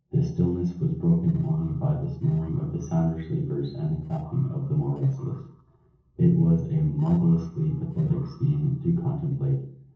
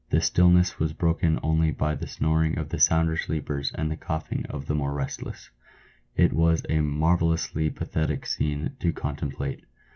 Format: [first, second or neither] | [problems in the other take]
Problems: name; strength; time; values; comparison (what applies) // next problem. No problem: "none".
second | noise reduction (neural separator model SepFormer DNS4)